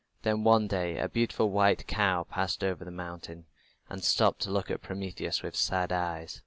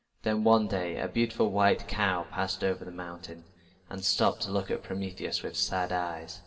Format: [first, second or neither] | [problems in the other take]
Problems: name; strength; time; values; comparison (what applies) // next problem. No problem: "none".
first | room echo; dies away in 2.1 s